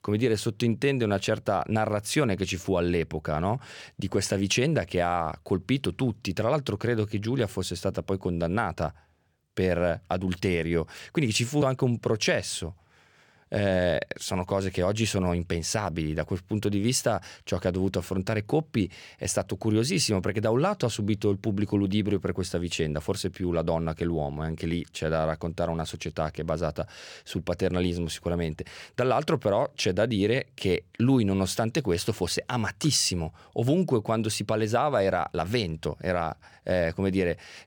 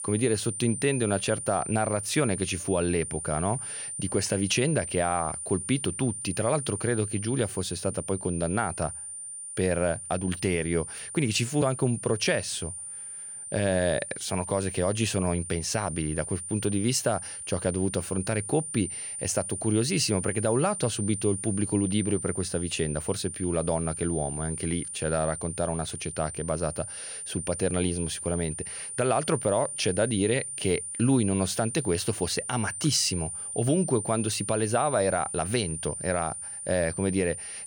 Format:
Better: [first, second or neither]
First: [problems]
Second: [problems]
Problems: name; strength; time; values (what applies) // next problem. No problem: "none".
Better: first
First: none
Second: high-pitched whine; loud; throughout; 9 kHz, 6 dB below the speech